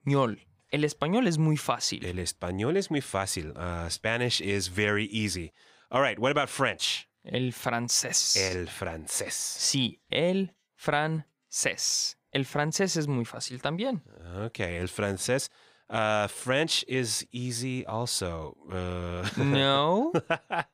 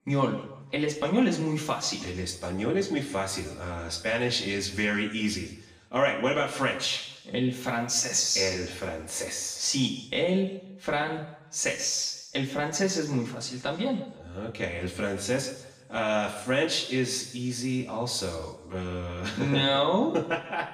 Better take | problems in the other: first | room echo; slight; dies away in 1 s // off-mic speech; far

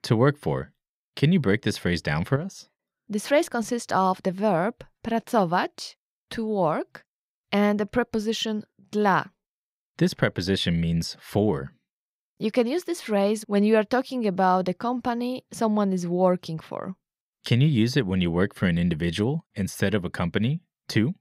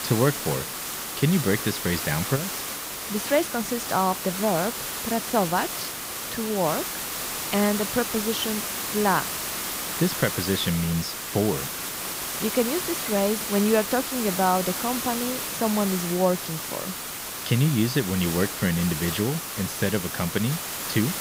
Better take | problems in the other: first | hiss; loud; throughout; 3 dB below the speech

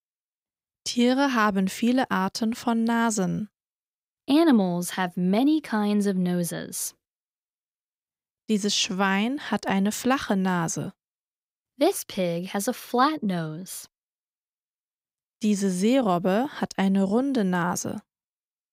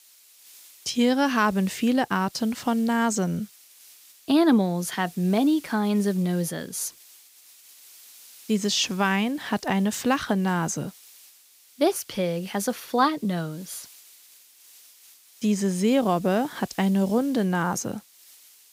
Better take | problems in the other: first | hiss; faint; throughout; 25 dB below the speech

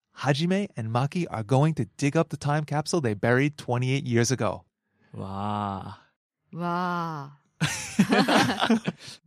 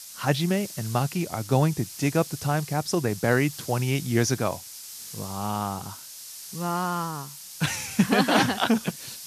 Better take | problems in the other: first | hiss; noticeable; throughout; 15 dB below the speech

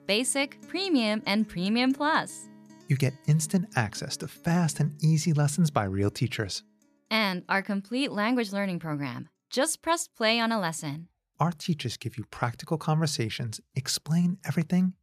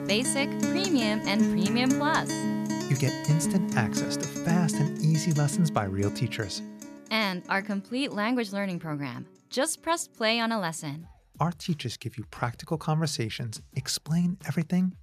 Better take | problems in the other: first | background music; loud; throughout; 3 dB below the speech; faint in the first

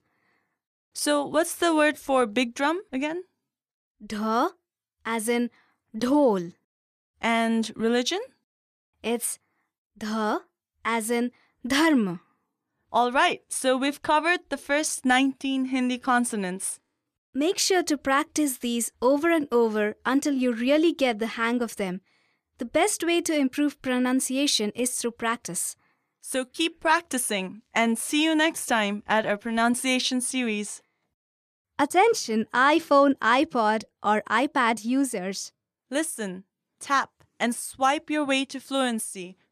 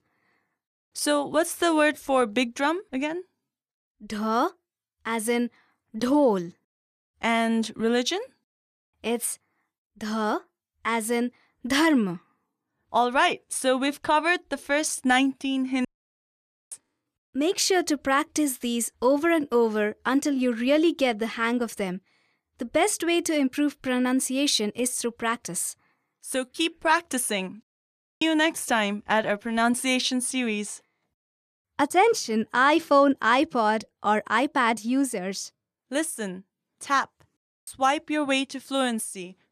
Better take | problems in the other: first | audio cutting out; at 16 s for 1 s, at 28 s for 0.5 s and at 37 s

